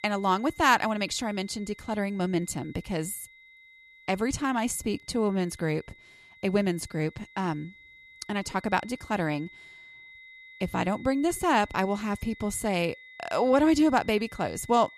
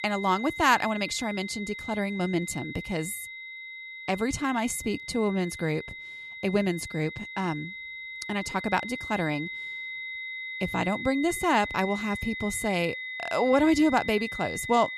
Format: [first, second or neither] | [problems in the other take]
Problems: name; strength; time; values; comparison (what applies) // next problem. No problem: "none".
first | high-pitched whine; loud; throughout; 2 kHz, 8 dB below the speech; faint in the first